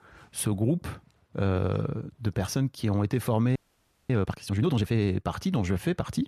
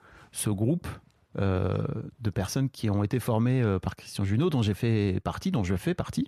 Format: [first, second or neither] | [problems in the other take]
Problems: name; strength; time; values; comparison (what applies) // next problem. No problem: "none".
second | audio freezing; at 3.5 s for 0.5 s